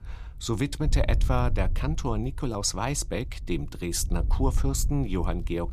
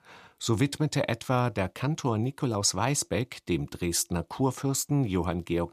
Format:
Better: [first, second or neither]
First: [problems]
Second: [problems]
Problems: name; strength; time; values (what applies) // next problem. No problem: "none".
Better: second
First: wind noise on the microphone; occasional gusts; 20 dB below the speech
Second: none